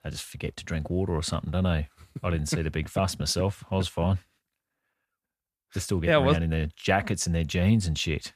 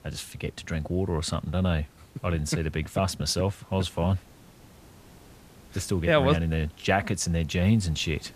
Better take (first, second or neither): first